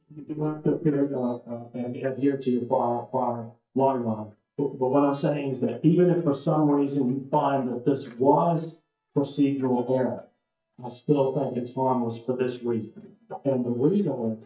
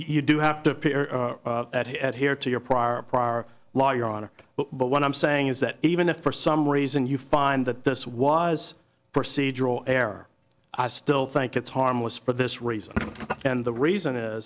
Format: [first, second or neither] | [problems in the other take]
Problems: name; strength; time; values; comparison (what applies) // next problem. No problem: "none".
second | noise reduction (neural mask model DeepFilterNet 3)